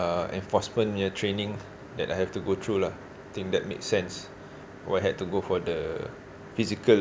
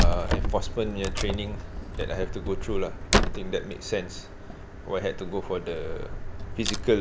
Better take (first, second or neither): first